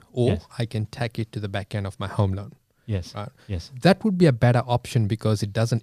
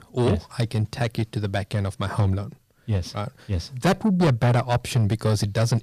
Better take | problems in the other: first | distortion; heavy; 7 dB below the speech

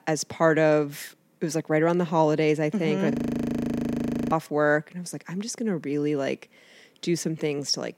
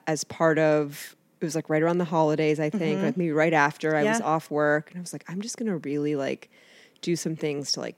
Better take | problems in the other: second | audio freezing; at 3 s for 1 s

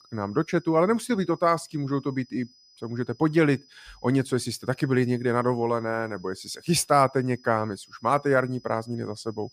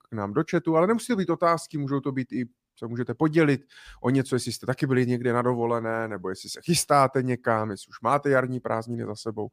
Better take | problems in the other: second | high-pitched whine; faint; throughout; 5 kHz, 30 dB below the speech

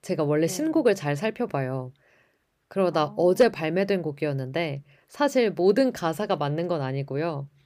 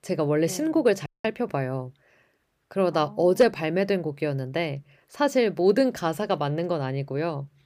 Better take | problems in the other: first | audio cutting out; at 1 s

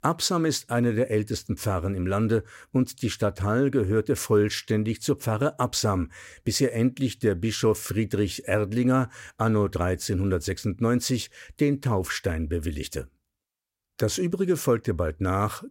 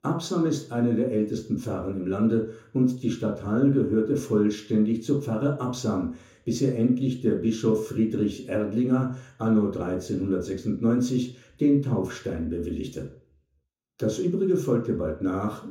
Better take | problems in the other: first | room echo; slight; dies away in 0.6 s // off-mic speech; far

